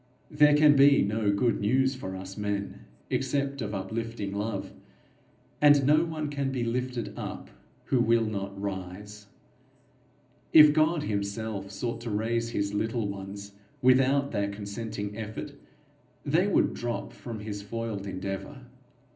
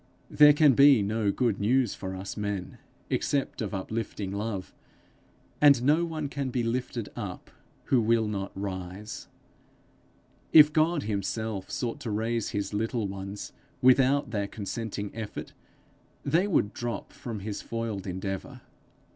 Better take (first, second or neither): second